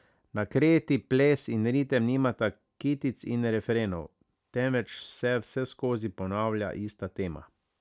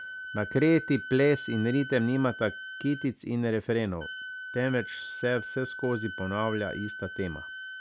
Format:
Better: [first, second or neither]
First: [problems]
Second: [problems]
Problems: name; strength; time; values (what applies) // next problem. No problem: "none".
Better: first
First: none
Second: background sound (Wind instrument, woodwind instrument); 12 dB below the speech